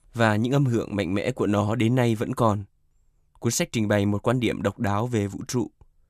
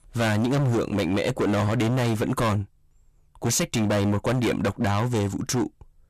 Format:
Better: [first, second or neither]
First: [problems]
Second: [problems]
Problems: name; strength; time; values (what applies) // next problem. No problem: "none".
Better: first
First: none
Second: distortion; heavy; 24% of the sound clipped